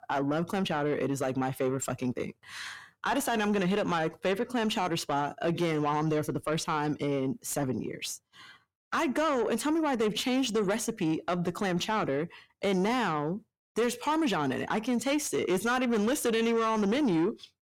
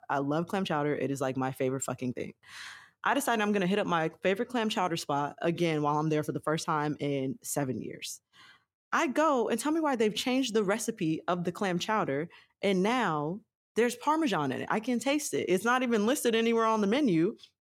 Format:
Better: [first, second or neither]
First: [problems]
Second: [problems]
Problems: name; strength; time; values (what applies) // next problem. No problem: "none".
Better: second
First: distortion; slight; 10 dB below the speech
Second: none